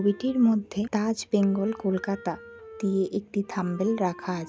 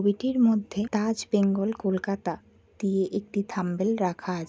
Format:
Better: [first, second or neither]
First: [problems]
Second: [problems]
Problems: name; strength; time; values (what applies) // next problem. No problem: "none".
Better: second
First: background sound (Wind instrument, woodwind instrument); 20 dB below the speech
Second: none